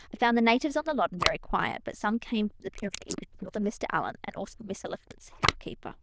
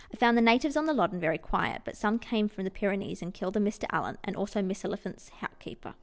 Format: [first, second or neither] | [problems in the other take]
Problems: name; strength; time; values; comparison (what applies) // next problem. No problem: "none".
second | noise reduction (neural diffusion model UNIVERSE++)